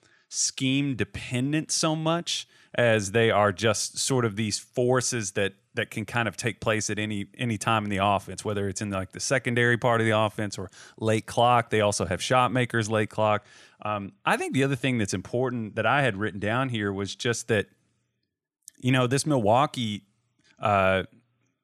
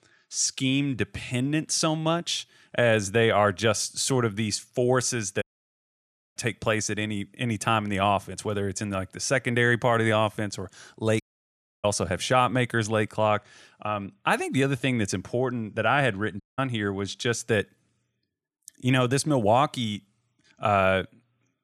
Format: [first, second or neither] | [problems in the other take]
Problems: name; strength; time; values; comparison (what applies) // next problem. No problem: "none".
first | audio cutting out; at 5.5 s for 1 s, at 11 s for 0.5 s and at 16 s